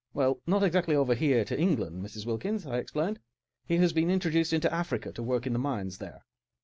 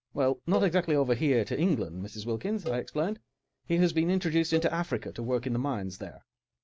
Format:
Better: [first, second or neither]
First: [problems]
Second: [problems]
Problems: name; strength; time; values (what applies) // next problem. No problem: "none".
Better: first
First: none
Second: background sound (Cowbell); 14 dB below the speech